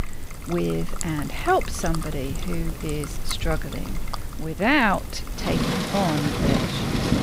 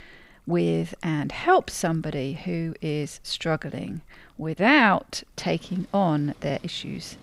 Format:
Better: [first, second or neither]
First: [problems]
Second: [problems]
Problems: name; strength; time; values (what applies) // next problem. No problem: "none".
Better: second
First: rain or running water; loud; throughout; 3 dB below the speech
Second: rain or running water; faint; throughout; 30 dB below the speech